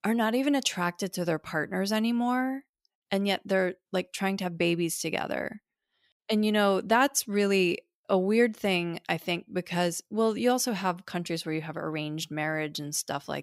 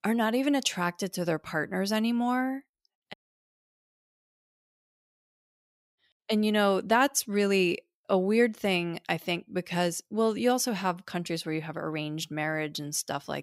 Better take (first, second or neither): first